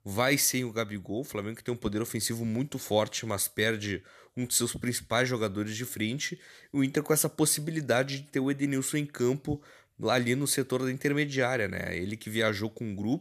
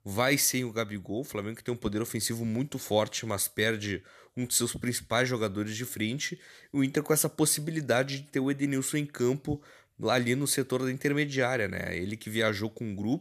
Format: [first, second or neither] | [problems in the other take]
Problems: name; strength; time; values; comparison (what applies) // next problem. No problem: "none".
neither | none